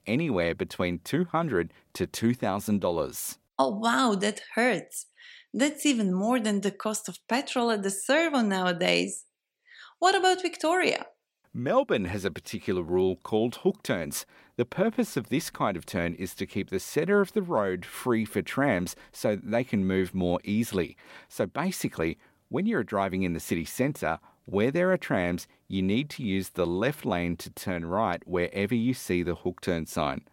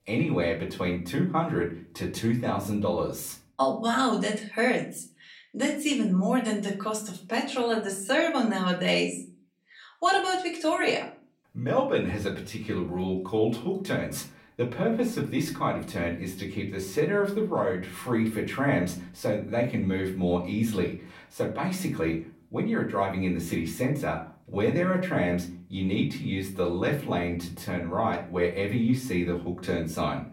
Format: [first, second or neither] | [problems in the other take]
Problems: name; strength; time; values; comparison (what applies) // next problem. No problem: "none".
first | off-mic speech; far // room echo; slight; dies away in 0.4 s